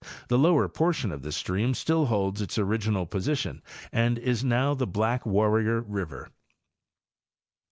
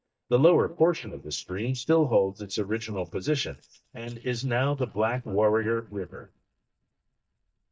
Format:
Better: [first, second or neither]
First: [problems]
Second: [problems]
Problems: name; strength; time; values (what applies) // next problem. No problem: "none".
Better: first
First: none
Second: noise reduction (neural mask model DeepFilterNet 3)